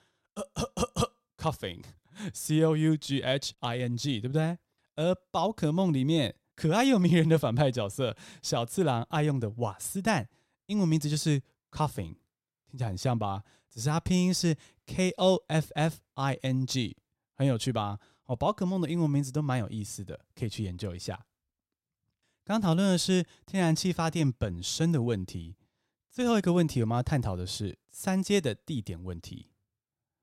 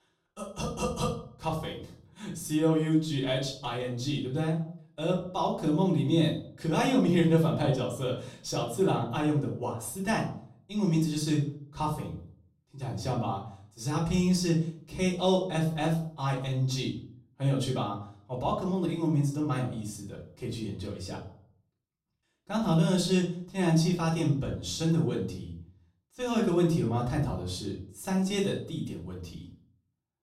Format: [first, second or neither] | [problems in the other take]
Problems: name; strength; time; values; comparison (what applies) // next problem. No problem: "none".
first | off-mic speech; far // room echo; slight; dies away in 0.4 s